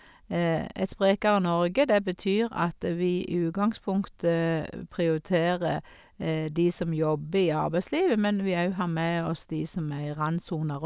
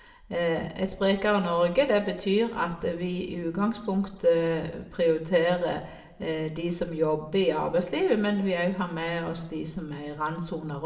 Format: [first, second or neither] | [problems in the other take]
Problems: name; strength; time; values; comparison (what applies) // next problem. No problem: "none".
first | room echo; dies away in 0.8 s